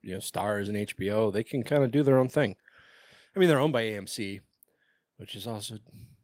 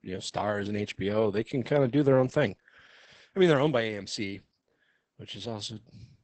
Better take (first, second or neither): first